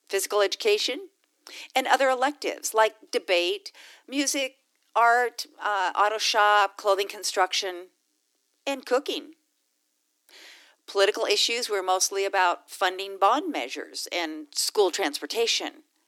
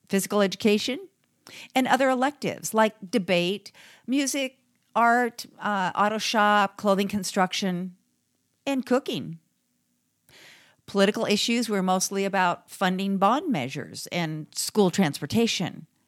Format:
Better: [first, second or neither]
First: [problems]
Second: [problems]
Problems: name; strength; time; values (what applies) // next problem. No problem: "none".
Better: second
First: thin; somewhat; fading below 300 Hz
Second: none